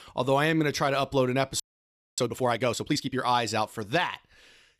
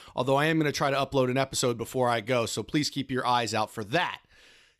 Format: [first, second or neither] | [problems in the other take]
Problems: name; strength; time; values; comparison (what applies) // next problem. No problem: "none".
second | audio freezing; at 1.5 s for 0.5 s